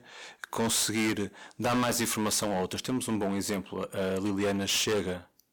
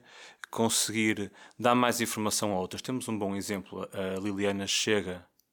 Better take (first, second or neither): second